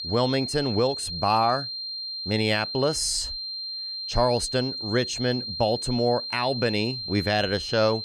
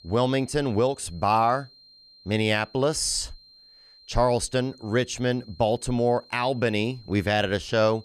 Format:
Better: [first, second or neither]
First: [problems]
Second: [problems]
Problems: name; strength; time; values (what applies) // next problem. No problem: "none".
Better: second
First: high-pitched whine; loud; throughout; 4 kHz, 5 dB below the speech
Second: high-pitched whine; faint; throughout; 4 kHz, 25 dB below the speech